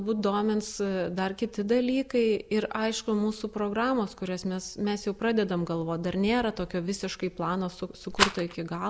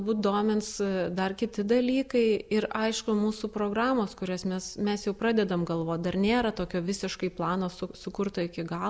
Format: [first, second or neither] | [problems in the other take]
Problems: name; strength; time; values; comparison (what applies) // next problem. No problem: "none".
second | background sound (Rattle); 1 dB below the speech